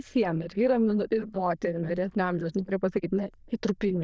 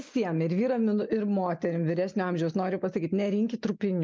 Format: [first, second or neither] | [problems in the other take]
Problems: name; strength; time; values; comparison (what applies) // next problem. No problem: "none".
second | noise reduction (neural diffusion model UNIVERSE++)